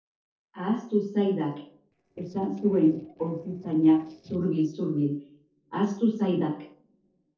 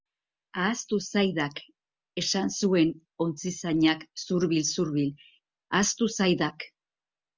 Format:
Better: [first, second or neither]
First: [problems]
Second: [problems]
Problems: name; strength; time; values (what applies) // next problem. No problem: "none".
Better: second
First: noise reduction (neural separator model SepFormer DNS4)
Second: none